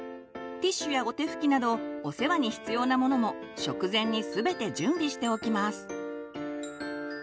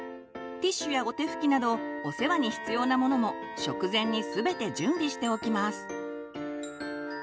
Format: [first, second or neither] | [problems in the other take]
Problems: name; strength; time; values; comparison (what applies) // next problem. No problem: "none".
first | background sound (Wind instrument, woodwind instrument); 14 dB below the speech